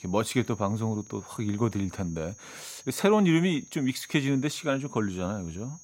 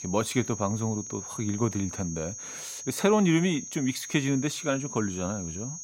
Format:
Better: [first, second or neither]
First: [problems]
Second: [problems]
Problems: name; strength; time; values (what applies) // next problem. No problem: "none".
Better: first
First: high-pitched whine; faint; throughout; 6.5 kHz, 20 dB below the speech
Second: high-pitched whine; loud; throughout; 6.5 kHz, 9 dB below the speech